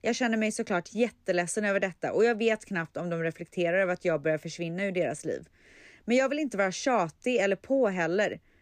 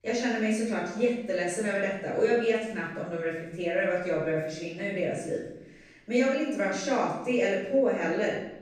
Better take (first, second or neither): first